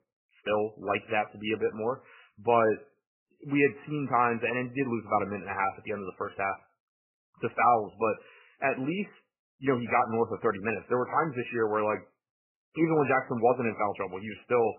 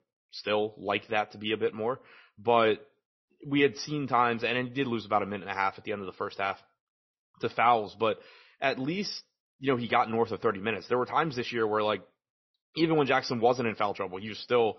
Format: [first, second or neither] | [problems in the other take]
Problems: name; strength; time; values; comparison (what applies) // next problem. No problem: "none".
second | garbled, watery; badly; nothing above 2.5 kHz; slightly in the second